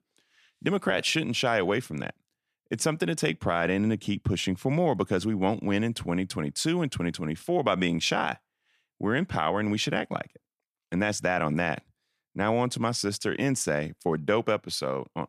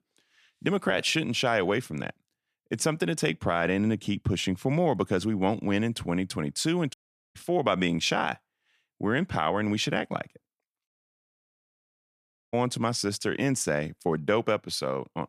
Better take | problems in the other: first | audio cutting out; at 7 s and at 11 s for 1.5 s

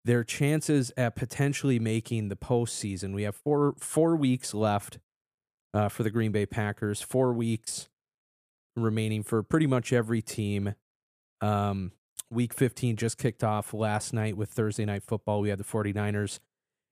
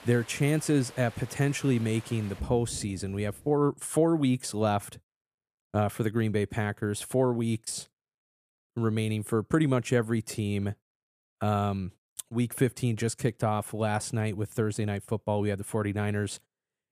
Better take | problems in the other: first | rain or running water; noticeable; until 3.5 s; 15 dB below the speech

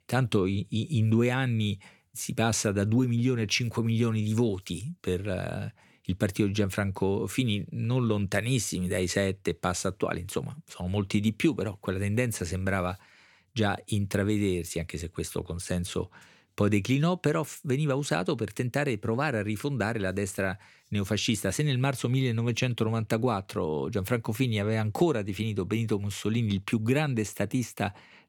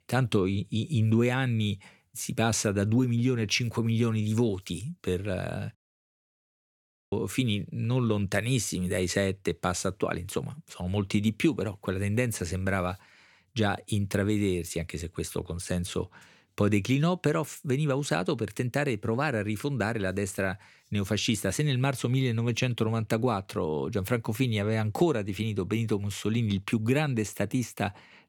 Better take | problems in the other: first | audio cutting out; at 6 s for 1.5 s

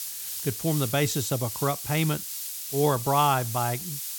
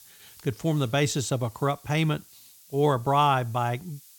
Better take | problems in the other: second | hiss; loud; throughout; 5 dB below the speech; faint in the second

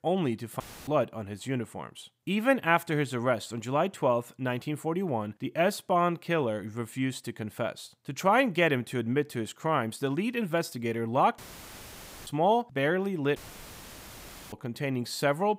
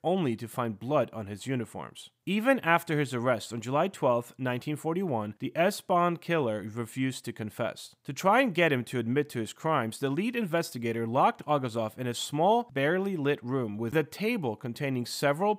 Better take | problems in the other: second | audio cutting out; filled with static; at 0.5 s, at 11 s for 1 s and at 13 s for 1 s

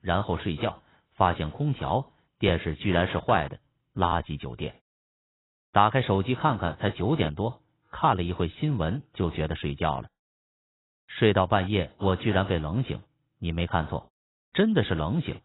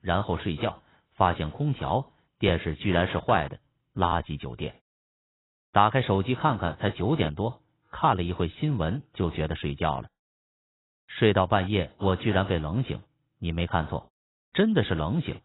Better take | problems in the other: neither | garbled, watery; badly; nothing above 4 kHz; the same in both

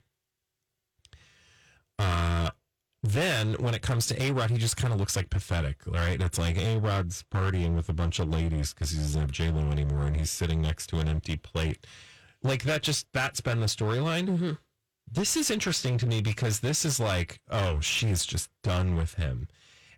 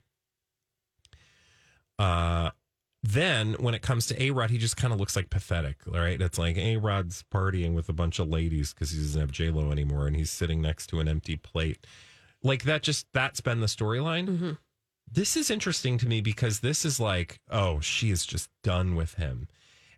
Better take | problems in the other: second | distortion; slight; 14% of the sound clipped

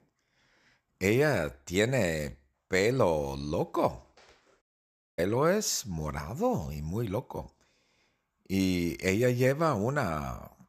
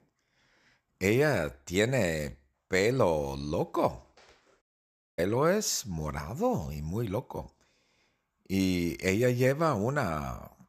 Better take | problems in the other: neither | audio cutting out; at 4.5 s for 0.5 s; the same in both

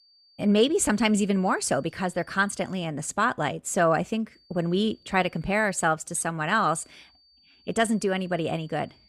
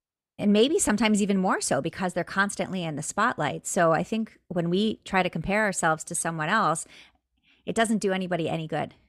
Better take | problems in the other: second | high-pitched whine; faint; until 3 s, from 4.5 to 6 s and from 6.5 s on; 4.5 kHz, 35 dB below the speech

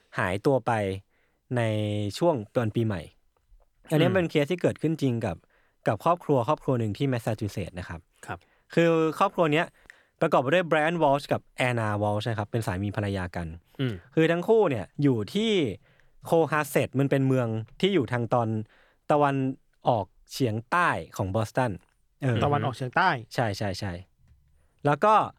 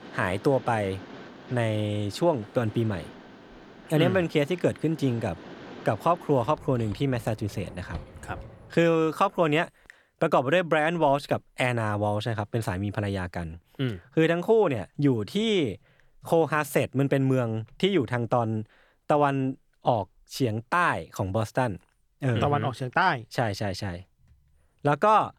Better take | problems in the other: first | machinery noise; noticeable; until 8.5 s; 20 dB below the speech

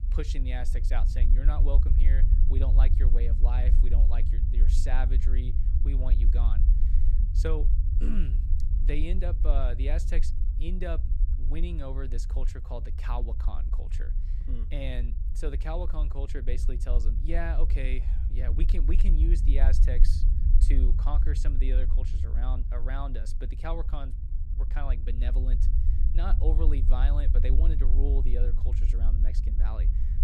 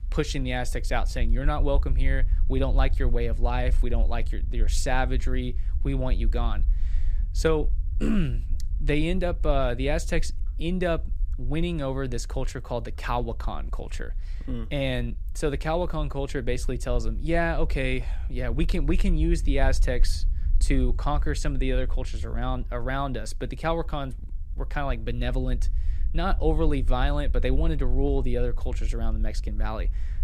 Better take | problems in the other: second | low rumble; loud; throughout; 7 dB below the speech; faint in the second

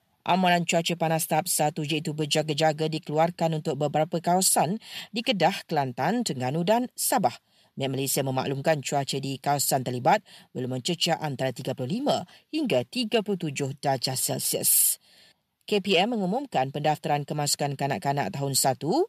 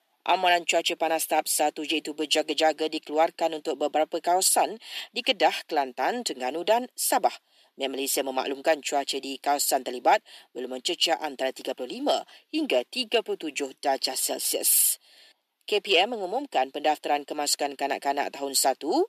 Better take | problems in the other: first | thin; somewhat; fading below 300 Hz

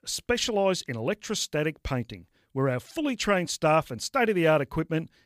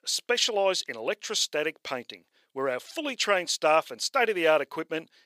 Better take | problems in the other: first | thin; somewhat; fading below 500 Hz

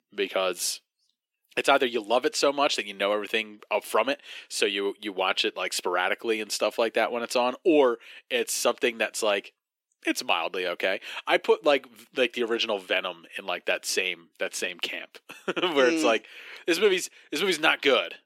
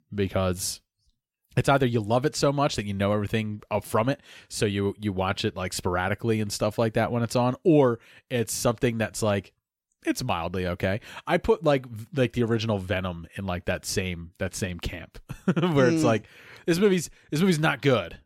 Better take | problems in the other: second | thin; somewhat; fading below 300 Hz

